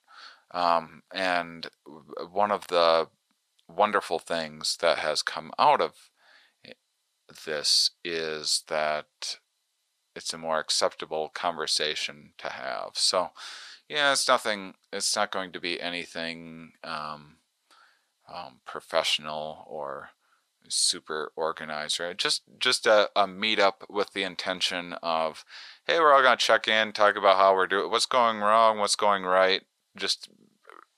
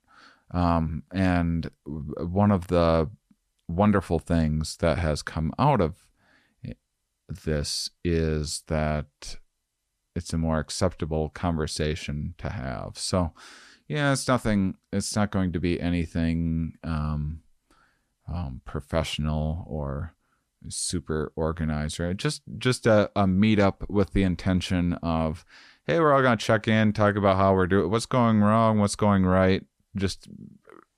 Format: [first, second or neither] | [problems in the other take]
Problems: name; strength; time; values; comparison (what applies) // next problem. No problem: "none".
second | thin; very; fading below 700 Hz